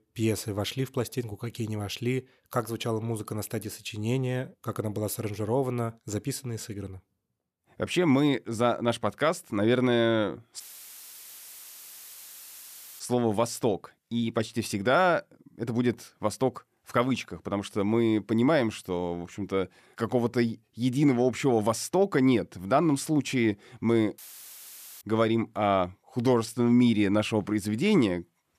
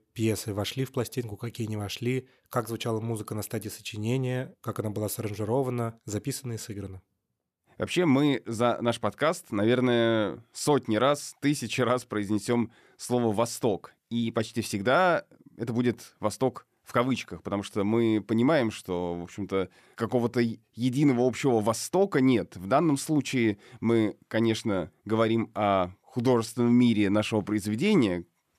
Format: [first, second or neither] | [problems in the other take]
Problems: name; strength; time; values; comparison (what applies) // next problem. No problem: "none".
second | audio cutting out; filled with static; at 11 s for 2.5 s and at 24 s for 1 s